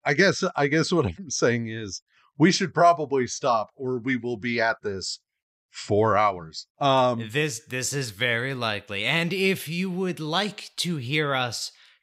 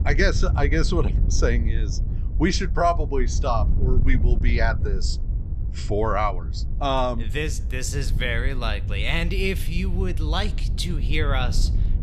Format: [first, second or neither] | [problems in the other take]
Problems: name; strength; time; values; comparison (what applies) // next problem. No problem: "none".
first | wind noise on the microphone; occasional gusts; 15 dB below the speech